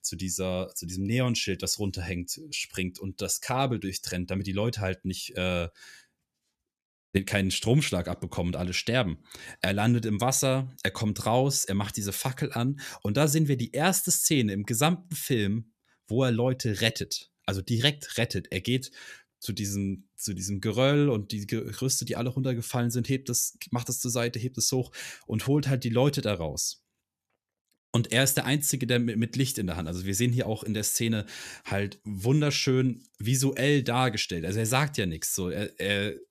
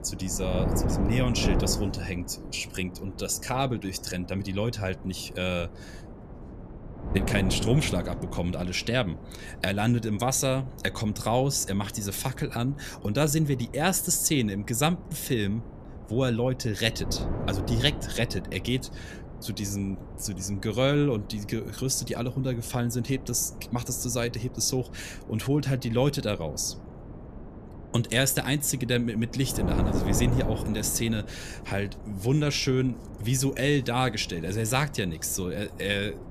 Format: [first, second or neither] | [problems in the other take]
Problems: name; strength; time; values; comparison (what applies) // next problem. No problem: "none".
first | wind noise on the microphone; occasional gusts; 10 dB below the speech